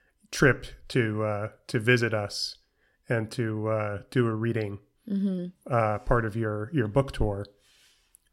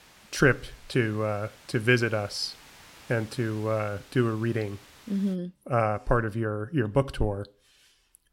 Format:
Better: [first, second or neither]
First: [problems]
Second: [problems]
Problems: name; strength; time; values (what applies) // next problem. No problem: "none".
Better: first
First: none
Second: hiss; faint; until 5.5 s; 25 dB below the speech